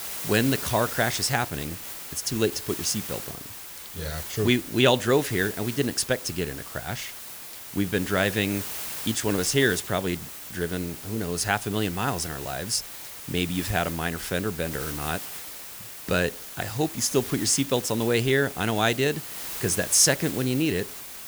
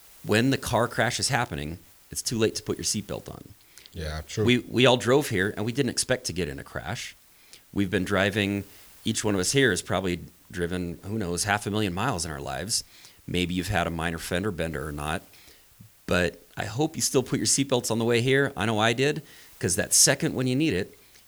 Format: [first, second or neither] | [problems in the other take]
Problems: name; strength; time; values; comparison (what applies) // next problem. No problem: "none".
second | hiss; loud; throughout; 9 dB below the speech; faint in the second